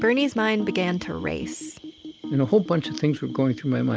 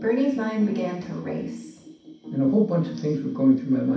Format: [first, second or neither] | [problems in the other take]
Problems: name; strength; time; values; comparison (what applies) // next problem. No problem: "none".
first | room echo; dies away in 0.6 s